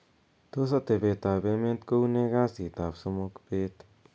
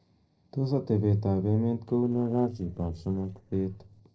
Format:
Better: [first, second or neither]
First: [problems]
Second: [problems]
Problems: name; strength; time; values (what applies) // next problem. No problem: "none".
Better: first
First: none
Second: noise reduction (neural separator model SepFormer DNS4)